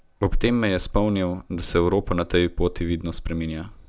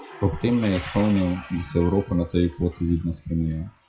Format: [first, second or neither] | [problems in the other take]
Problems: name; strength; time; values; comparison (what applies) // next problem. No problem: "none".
first | noise reduction (classical method WPE with log-MMSE)